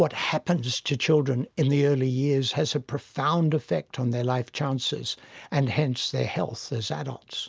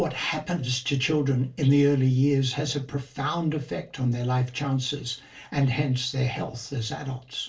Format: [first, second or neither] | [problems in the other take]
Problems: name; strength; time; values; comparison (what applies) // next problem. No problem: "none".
first | room echo; dies away in 0.2 s